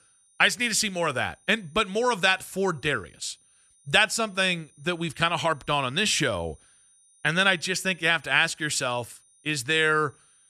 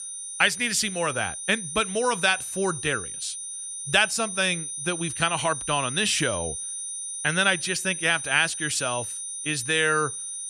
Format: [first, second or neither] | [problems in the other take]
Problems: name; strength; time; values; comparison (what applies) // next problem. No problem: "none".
first | high-pitched whine; loud; throughout; 9 kHz, 6 dB below the speech; faint in the first